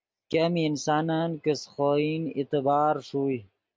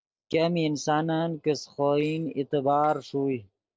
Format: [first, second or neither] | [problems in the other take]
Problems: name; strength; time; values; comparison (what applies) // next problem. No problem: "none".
first | noise reduction (neural separator model SepFormer DNS4)